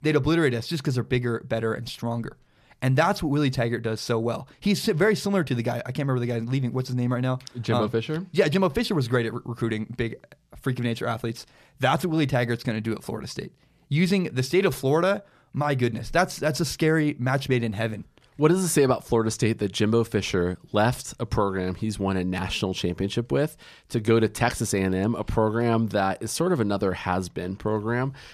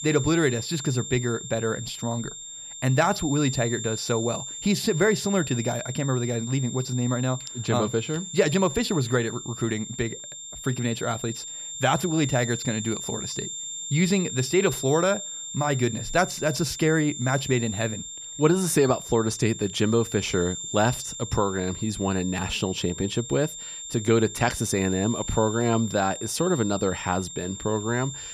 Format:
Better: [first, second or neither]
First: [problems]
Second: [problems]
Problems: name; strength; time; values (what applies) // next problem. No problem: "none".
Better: first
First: none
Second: high-pitched whine; loud; throughout; 7.5 kHz, 8 dB below the speech